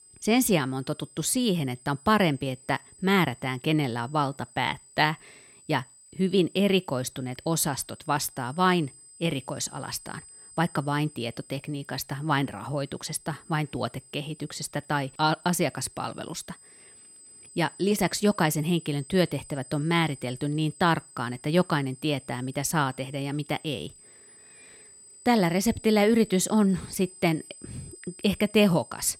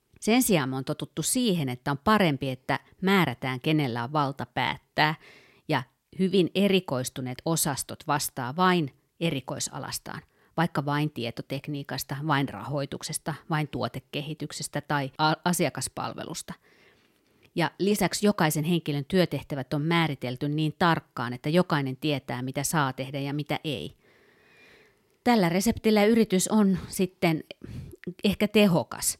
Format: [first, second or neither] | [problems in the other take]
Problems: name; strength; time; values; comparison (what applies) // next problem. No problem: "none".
second | high-pitched whine; faint; throughout; 8 kHz, 20 dB below the speech